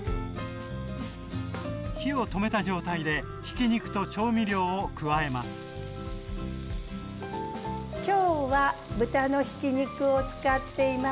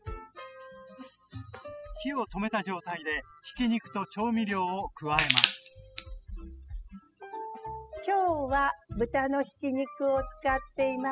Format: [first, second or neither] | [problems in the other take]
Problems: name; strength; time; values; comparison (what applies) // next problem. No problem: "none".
first | noise reduction (classical method spectral subtraction)